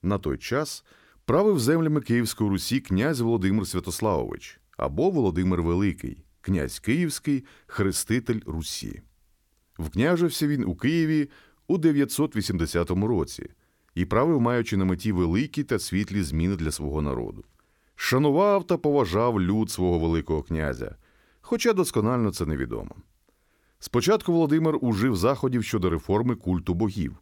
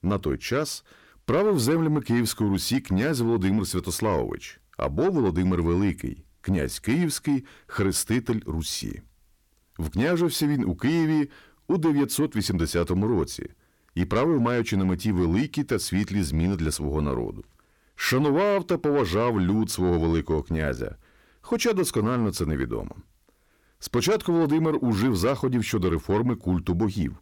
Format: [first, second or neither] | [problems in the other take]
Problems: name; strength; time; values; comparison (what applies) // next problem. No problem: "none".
first | distortion; slight; 10 dB below the speech